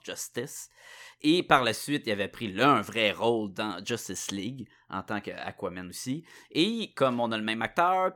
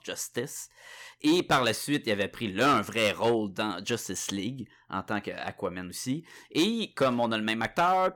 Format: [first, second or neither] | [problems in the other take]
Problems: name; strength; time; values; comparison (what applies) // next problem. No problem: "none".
first | distortion; slight; 3% of the sound clipped